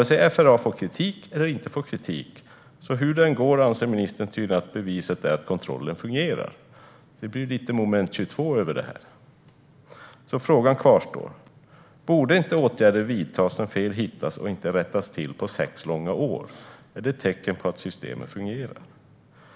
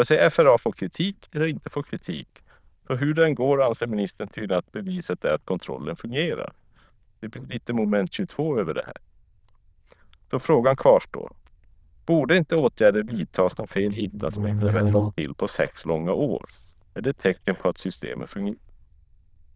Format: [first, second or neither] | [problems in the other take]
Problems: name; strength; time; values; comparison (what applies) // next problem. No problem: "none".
first | noise reduction (neural diffusion model UNIVERSE++)